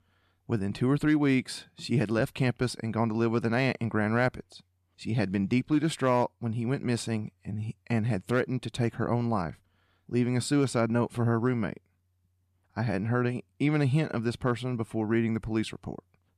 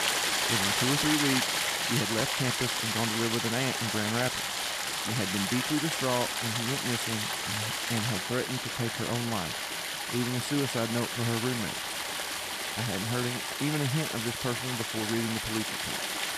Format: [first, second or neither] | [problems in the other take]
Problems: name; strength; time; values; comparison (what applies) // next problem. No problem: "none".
first | rain or running water; very loud; throughout; 3 dB above the speech